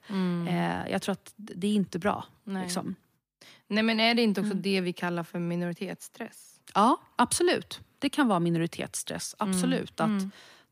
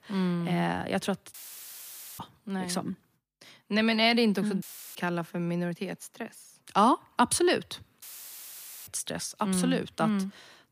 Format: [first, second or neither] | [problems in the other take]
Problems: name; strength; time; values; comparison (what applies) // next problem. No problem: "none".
first | audio cutting out; filled with static; at 1.5 s for 1 s, at 4.5 s and at 8 s for 1 s